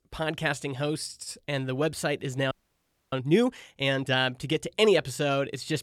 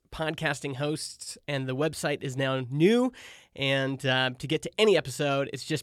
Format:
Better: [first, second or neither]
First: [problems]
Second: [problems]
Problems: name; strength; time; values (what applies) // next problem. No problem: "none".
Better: second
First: audio freezing; at 2.5 s for 0.5 s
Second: none